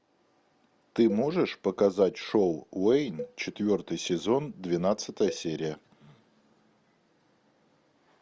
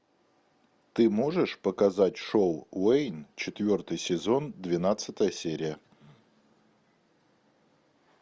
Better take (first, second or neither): second